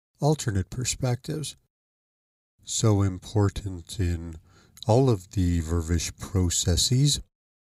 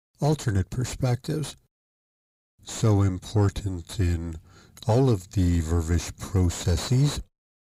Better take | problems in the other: first | distortion; slight; 10 dB below the speech

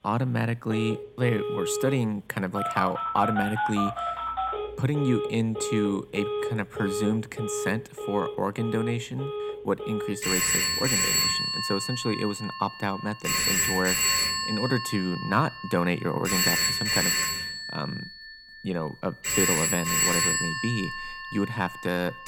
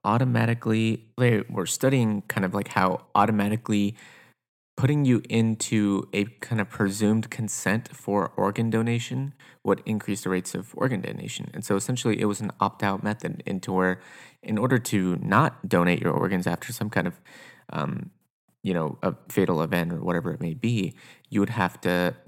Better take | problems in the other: second | alarms or sirens; very loud; throughout; 2 dB above the speech

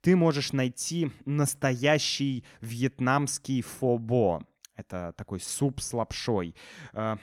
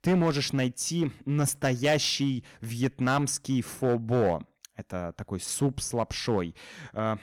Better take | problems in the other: first | distortion; slight; 5% of the sound clipped

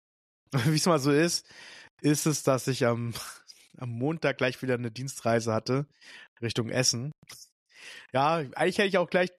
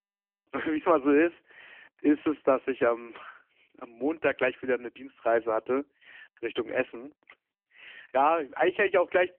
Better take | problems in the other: first | phone-call audio; poor line

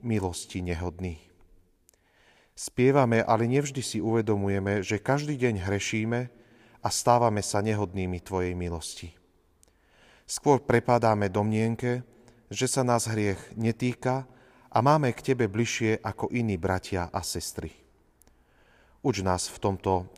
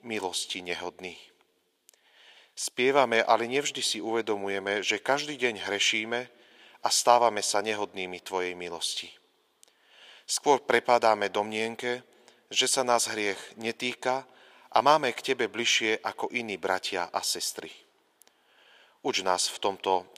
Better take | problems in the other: first | thin; somewhat; fading below 450 Hz

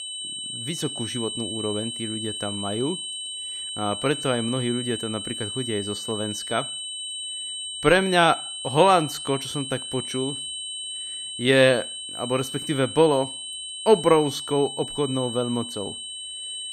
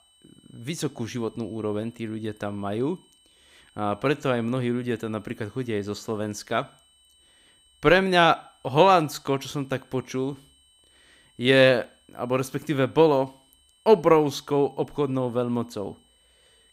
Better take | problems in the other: second | high-pitched whine; loud; throughout; 3 kHz, 6 dB below the speech; faint in the second

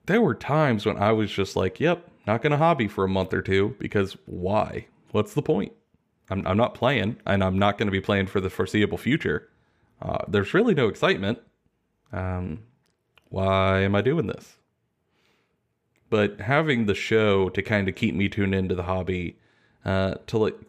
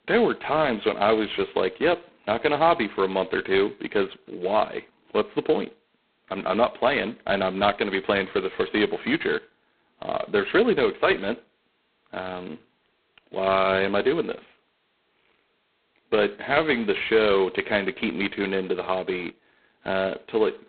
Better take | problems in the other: first | phone-call audio; poor line; nothing above 4 kHz

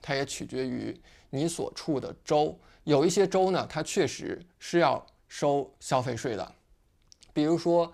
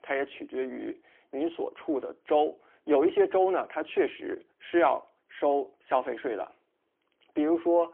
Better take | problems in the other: first | phone-call audio; poor line; nothing above 3.5 kHz

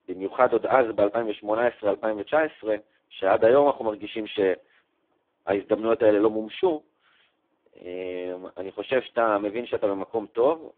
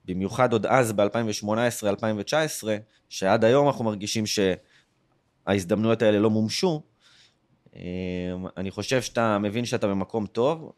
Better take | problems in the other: second | phone-call audio; poor line

